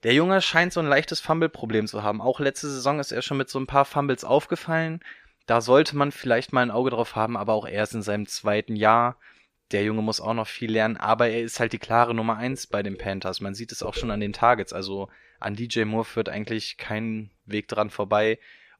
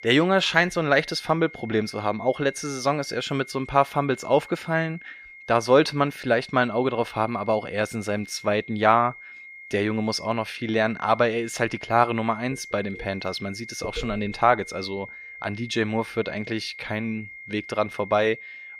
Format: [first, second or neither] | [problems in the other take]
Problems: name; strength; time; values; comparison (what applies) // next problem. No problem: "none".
first | high-pitched whine; noticeable; throughout; 2 kHz, 15 dB below the speech